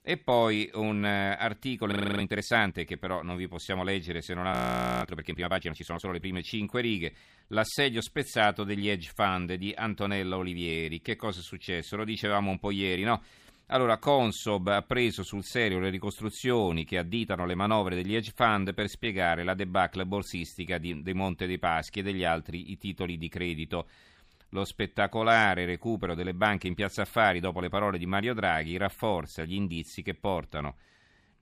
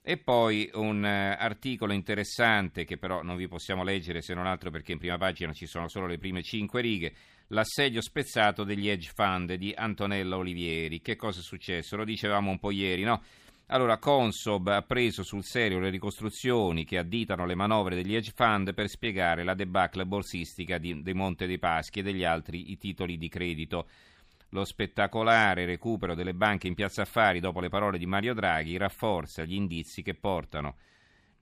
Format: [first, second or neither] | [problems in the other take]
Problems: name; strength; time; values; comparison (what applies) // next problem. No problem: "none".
second | audio freezing; at 2 s and at 4.5 s